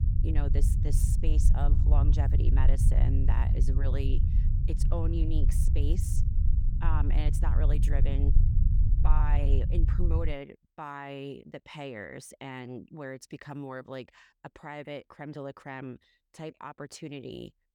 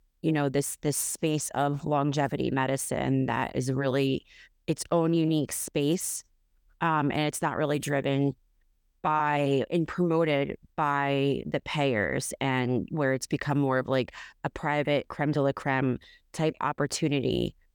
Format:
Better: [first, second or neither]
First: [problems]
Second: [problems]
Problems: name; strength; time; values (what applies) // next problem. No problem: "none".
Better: second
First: low rumble; loud; until 10 s; 4 dB below the speech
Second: none